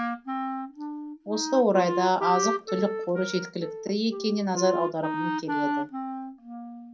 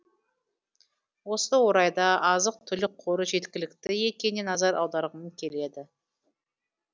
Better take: second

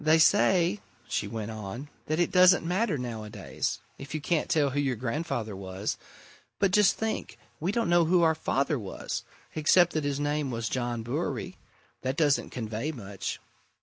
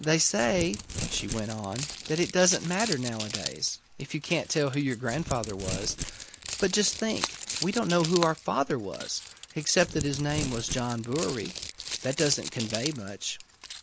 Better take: first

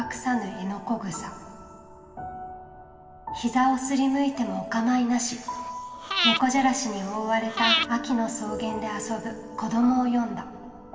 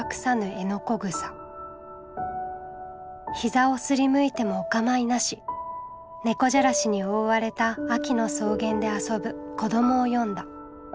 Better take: second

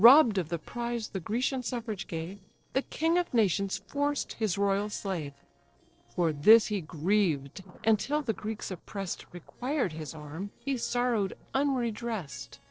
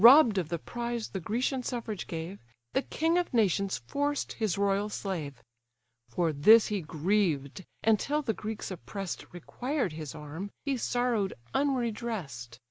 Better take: second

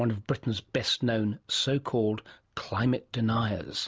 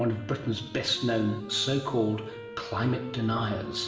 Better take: first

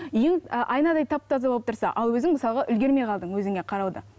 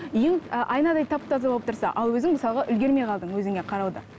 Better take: first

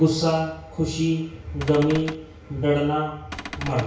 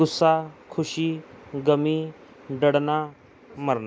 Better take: second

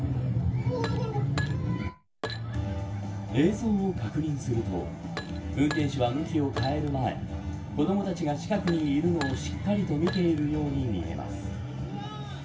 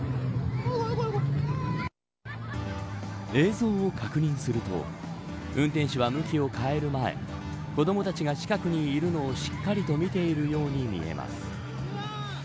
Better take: second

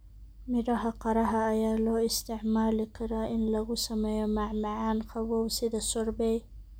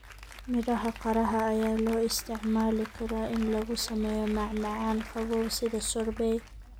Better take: first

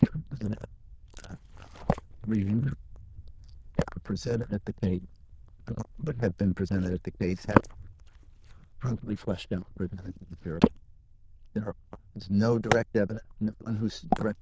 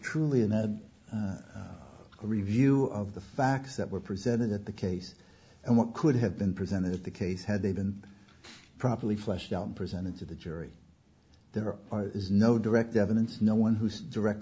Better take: second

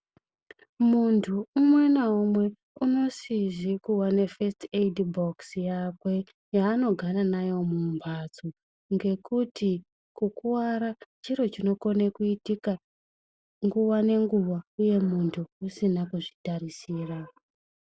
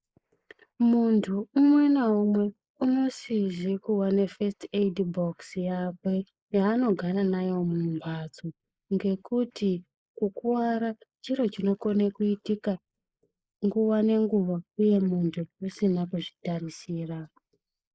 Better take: first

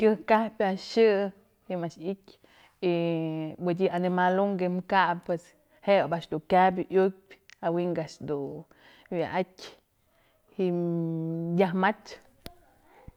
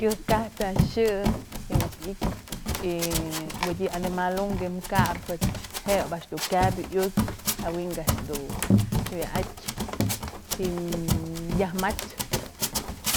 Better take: first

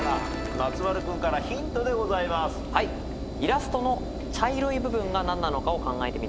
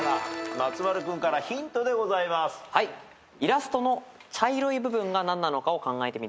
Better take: second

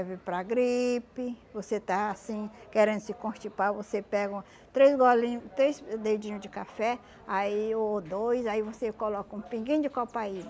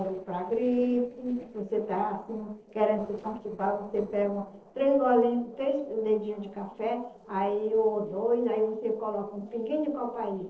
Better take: first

